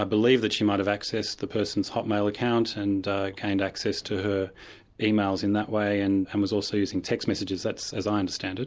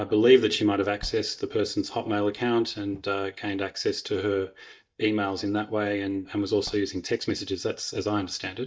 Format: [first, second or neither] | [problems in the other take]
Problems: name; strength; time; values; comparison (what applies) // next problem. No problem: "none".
first | noise reduction (neural mask model DeepFilterNet 3)